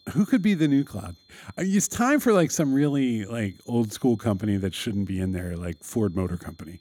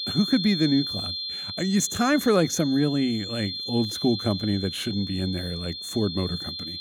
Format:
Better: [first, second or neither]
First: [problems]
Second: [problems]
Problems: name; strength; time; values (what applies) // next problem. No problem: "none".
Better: first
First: high-pitched whine; faint; throughout; 4 kHz, 35 dB below the speech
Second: high-pitched whine; loud; throughout; 4 kHz, 6 dB below the speech